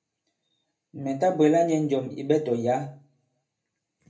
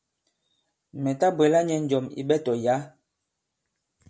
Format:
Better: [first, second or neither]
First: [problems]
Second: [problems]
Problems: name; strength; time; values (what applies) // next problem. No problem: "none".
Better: second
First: room echo; dies away in 0.3 s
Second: none